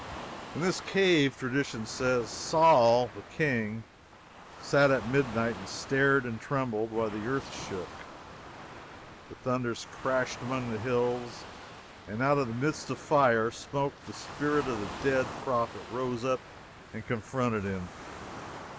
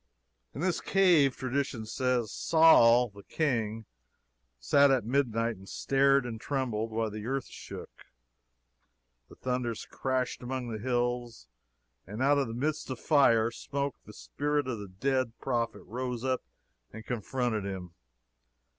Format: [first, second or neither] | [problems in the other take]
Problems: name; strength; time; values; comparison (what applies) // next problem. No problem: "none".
second | background sound (Waves, surf); 14 dB below the speech